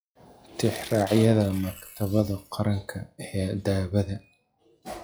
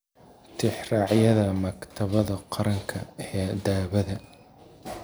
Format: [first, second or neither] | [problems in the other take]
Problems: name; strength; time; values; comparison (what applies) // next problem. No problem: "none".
second | noise reduction (classical method log-MMSE)